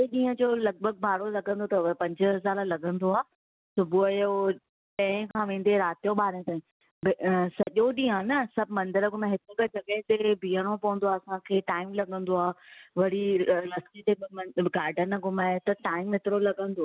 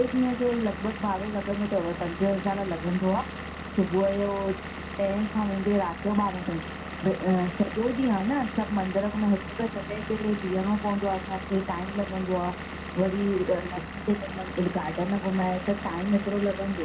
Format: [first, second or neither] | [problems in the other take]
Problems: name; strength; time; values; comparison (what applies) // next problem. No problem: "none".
first | background sound (Engine / Vehicle); 9 dB below the speech // room echo; dies away in 0.3 s